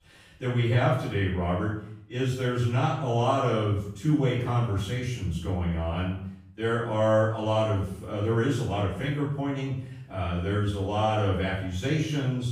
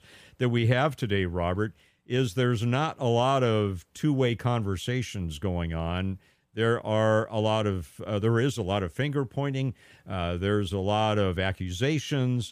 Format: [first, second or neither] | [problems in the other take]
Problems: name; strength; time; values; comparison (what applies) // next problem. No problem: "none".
second | room echo; noticeable; dies away in 0.6 s // off-mic speech; far